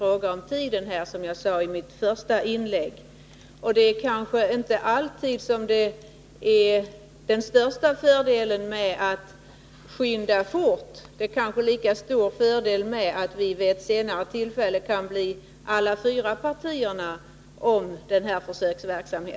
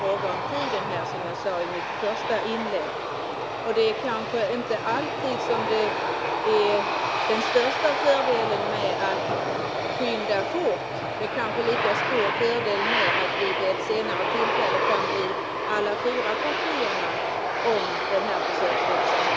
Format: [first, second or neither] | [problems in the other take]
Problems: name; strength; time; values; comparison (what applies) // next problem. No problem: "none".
first | background sound (Aircraft); 1 dB above the speech